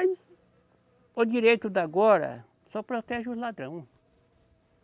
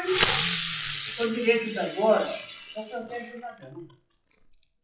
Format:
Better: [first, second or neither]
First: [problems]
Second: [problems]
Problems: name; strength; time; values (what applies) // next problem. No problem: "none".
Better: first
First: none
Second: noise reduction (classical method WPE with log-MMSE)